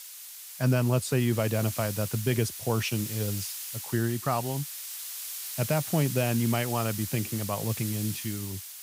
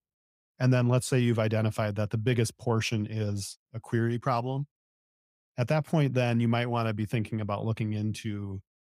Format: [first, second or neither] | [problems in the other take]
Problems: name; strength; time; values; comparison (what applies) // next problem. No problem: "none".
second | hiss; loud; throughout; 7 dB below the speech